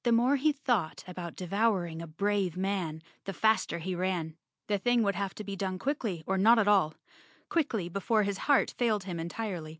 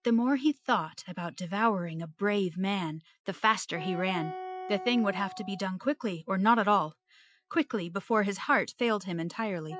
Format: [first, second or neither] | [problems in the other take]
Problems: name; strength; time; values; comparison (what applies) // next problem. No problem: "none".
first | noise reduction (classical method Wiener filter)